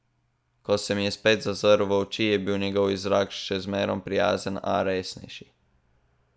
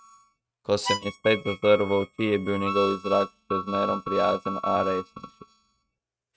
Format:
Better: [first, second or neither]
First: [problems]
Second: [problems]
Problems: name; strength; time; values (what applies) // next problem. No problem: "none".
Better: first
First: none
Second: noise reduction (neural mask model RNNoise)